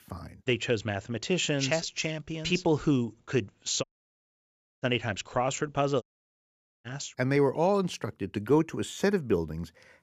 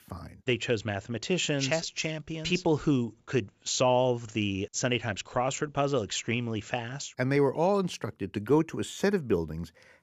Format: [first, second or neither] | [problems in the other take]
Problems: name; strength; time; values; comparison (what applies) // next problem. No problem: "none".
second | audio cutting out; at 4 s for 1 s and at 6 s for 1 s